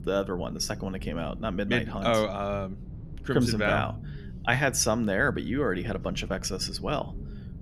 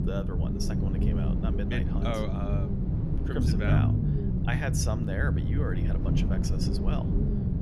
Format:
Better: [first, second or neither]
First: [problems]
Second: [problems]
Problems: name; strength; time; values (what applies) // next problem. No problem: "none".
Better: first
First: low rumble; faint; throughout; 25 dB below the speech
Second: low rumble; loud; throughout; 2 dB below the speech